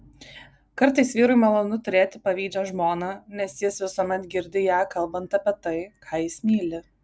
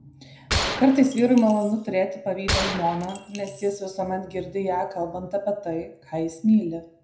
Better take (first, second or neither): first